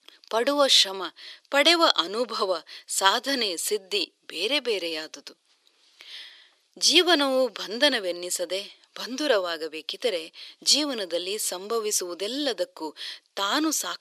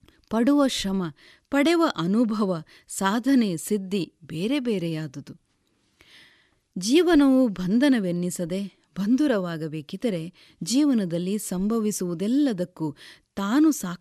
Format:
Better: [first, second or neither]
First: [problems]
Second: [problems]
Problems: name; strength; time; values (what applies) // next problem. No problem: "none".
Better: second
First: thin; very; fading below 450 Hz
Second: none